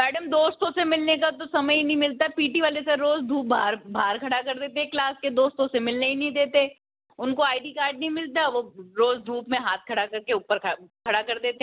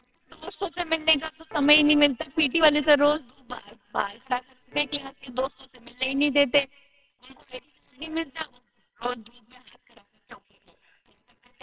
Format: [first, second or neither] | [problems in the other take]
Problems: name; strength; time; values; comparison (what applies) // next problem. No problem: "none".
first | noise reduction (neural separator model SepFormer WHAMR!)